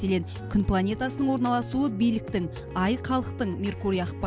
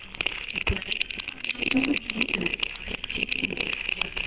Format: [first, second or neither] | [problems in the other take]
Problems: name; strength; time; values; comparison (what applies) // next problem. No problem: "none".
first | noise reduction (neural separator model SepFormer WHAMR!)